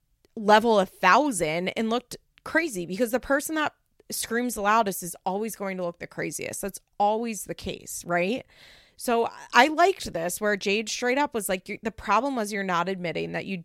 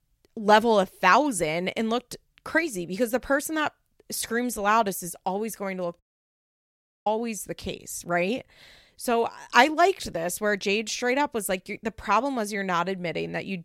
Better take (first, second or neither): first